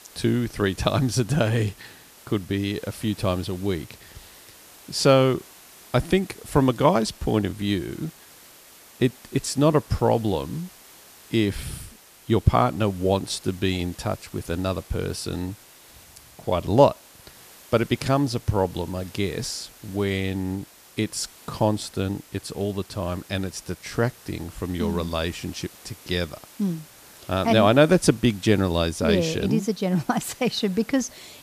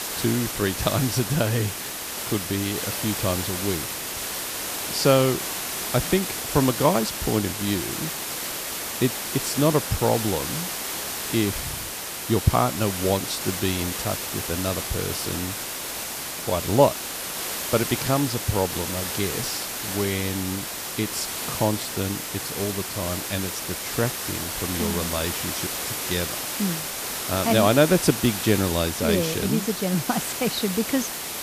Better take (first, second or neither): first